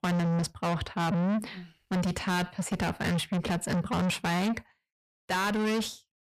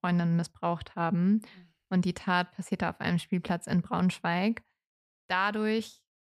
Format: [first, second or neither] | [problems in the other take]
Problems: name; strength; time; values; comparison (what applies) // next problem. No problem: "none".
second | distortion; heavy; 6 dB below the speech